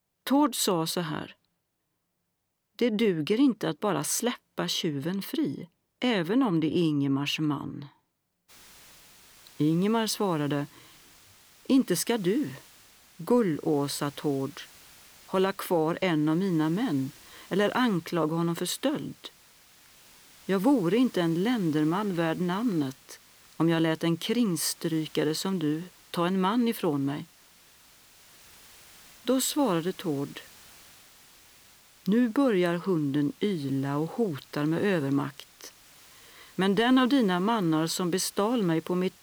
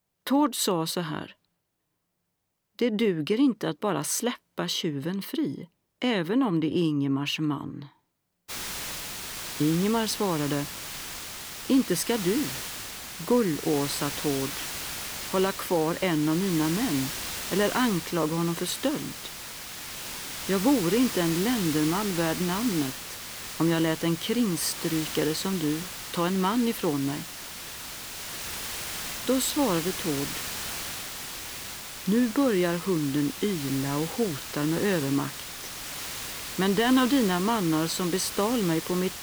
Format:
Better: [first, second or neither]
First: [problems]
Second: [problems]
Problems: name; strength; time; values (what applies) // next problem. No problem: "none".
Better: first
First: hiss; faint; from 8.5 s on; 25 dB below the speech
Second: hiss; loud; from 8.5 s on; 7 dB below the speech